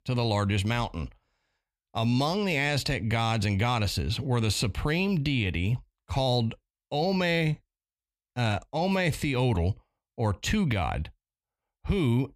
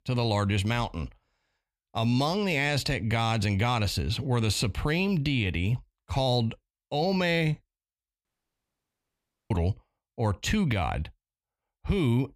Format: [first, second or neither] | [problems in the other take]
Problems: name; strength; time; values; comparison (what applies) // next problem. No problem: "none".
first | audio cutting out; at 8.5 s for 1.5 s